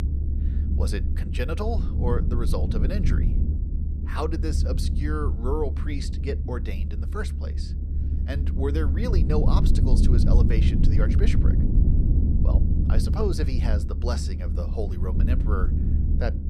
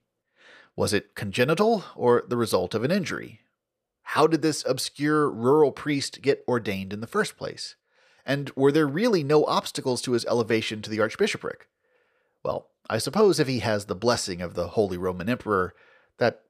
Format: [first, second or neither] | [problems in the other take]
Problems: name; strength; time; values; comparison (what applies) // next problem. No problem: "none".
second | low rumble; loud; throughout; 4 dB below the speech